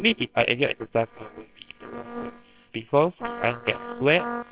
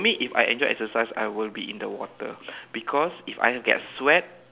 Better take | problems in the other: second | noise reduction (neural separator model SepFormer WHAMR!)

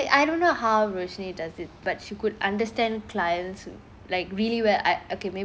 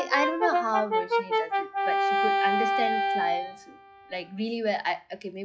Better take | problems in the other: first | noise reduction (classical method log-MMSE)

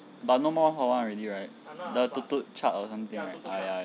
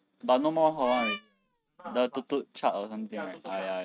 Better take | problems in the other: first | noise reduction (neural mask model RNNoise)

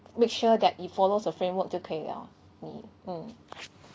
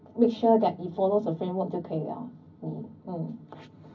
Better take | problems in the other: first | room echo; dies away in 0.4 s

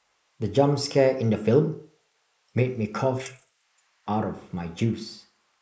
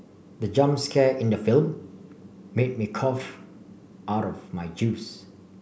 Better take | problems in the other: second | noise reduction (neural mask model Resemble Enhance denoiser)

